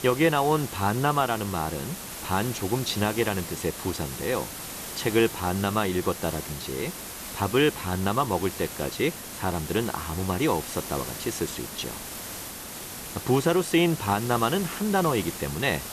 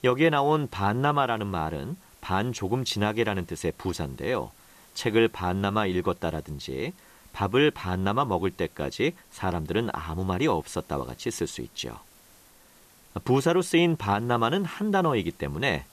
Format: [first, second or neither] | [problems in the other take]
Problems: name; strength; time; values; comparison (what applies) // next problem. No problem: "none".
second | hiss; loud; throughout; 8 dB below the speech; faint in the second